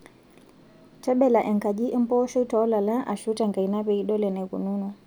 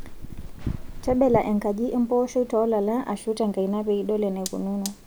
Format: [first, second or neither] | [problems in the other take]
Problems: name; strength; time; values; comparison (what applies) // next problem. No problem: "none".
first | background sound (Fire); 12 dB below the speech